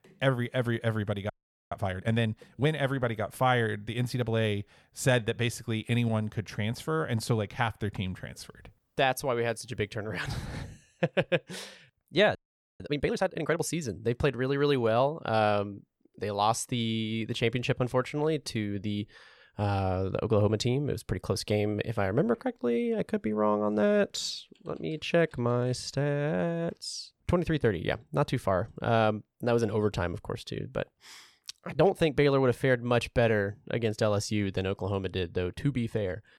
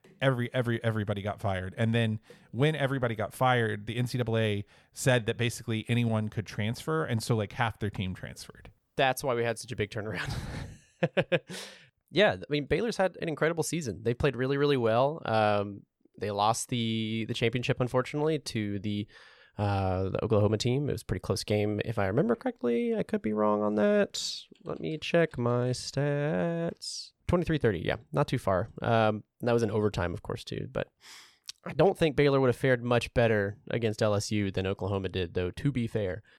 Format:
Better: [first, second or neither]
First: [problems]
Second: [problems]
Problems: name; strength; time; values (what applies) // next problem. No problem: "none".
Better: second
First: audio freezing; at 1.5 s and at 12 s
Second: none